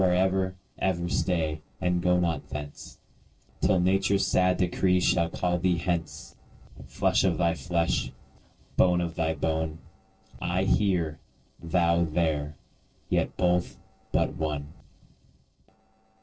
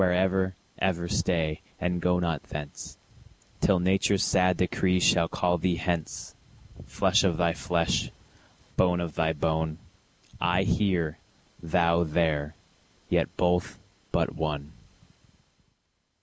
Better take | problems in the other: second | noise reduction (neural separator model SepFormer DNS4)

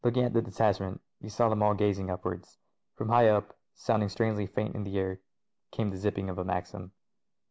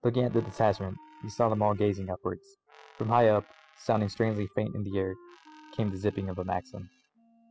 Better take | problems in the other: first | noise reduction (classical method spectral subtraction)

